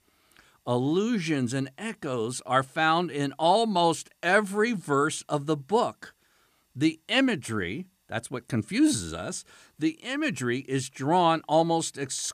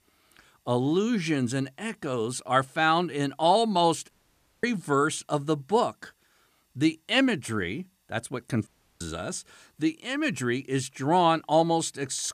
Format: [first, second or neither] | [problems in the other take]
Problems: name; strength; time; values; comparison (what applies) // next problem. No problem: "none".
first | audio cutting out; at 4 s for 0.5 s and at 8.5 s